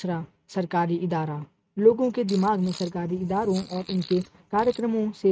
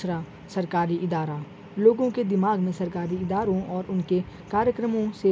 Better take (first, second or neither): second